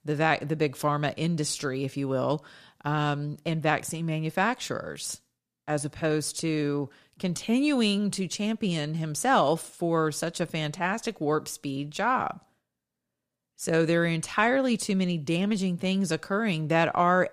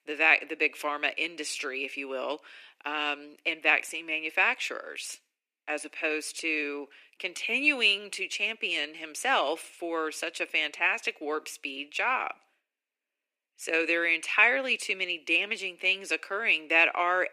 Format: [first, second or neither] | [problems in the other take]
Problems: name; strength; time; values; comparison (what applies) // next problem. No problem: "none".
first | thin; very; fading below 300 Hz